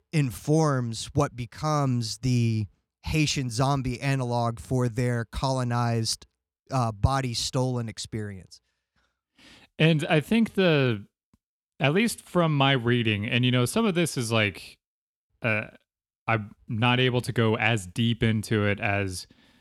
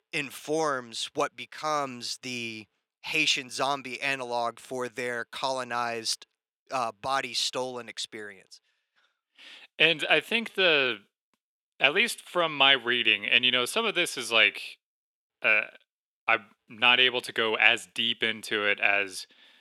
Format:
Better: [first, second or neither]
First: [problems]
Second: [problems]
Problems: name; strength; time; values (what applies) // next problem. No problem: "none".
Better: first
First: none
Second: thin; very; fading below 500 Hz